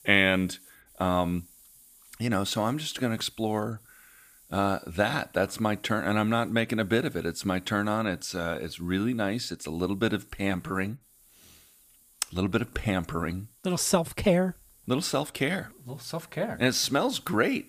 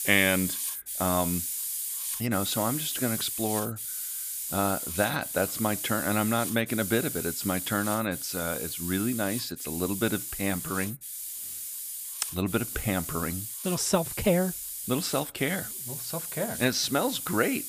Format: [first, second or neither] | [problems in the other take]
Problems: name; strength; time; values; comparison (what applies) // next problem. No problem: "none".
first | hiss; loud; throughout; 3 dB below the speech; faint in the first